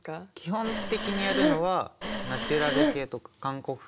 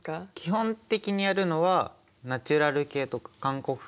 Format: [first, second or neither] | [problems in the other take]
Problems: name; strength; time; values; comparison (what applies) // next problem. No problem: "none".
second | background sound (Breathing); 2 dB above the speech